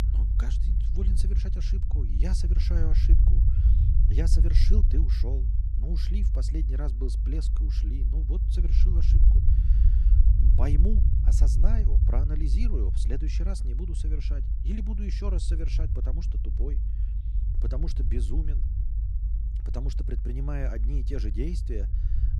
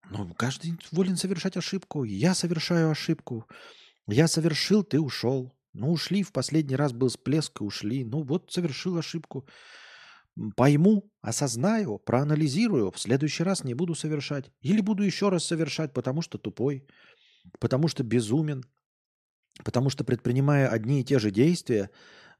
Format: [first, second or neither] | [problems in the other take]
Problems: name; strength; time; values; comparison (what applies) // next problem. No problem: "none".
second | low rumble; loud; throughout; 3 dB below the speech